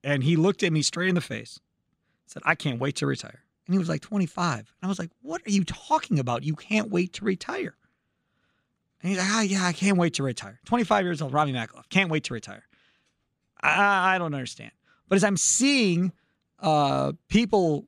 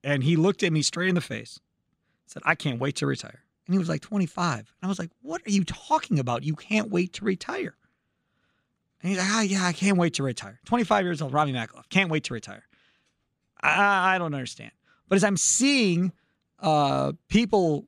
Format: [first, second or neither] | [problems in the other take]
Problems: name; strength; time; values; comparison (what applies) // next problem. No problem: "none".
neither | none